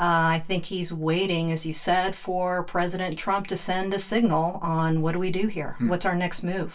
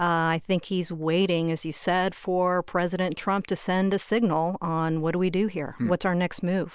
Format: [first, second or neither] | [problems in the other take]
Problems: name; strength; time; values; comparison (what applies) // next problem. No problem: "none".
second | room echo; dies away in 0.2 s